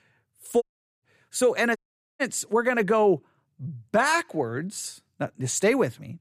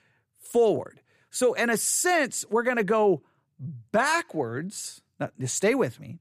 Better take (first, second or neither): second